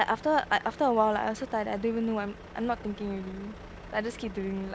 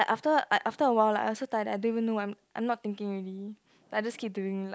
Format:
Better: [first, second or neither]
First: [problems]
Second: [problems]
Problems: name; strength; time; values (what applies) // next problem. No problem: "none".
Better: second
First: background sound (Truck); 16 dB below the speech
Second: none